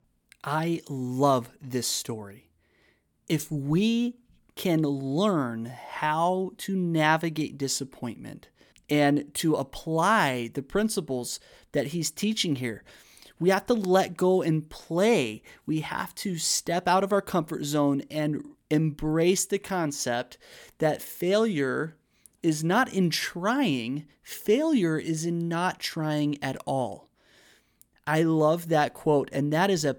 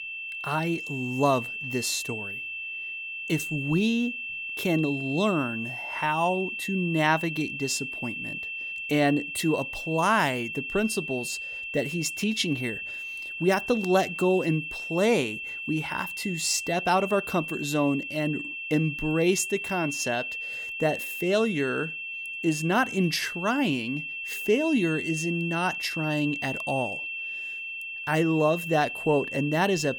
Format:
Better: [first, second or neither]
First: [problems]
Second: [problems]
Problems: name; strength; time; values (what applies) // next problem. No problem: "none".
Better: first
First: none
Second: high-pitched whine; loud; throughout; 2.5 kHz, 5 dB below the speech